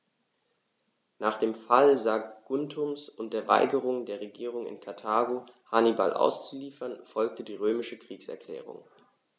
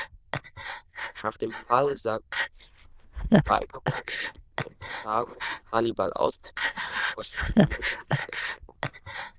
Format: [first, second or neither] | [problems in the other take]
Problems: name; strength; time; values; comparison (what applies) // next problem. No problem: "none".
first | noise reduction (neural diffusion model UNIVERSE++)